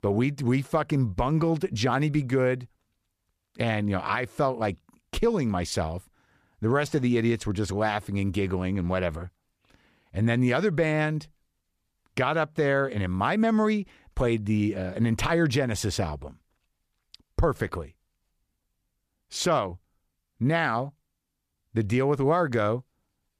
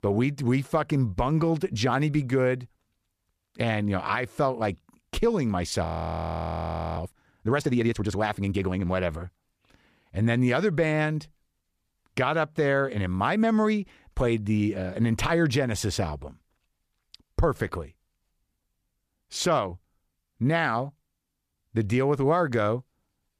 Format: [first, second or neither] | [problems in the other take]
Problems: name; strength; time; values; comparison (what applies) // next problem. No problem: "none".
first | audio freezing; at 6 s for 1 s